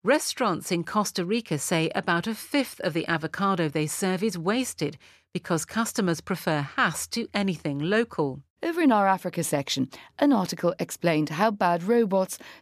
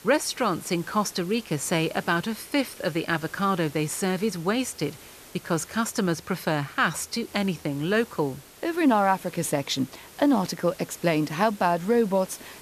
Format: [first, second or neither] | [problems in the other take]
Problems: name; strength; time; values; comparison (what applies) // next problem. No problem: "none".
first | hiss; noticeable; throughout; 20 dB below the speech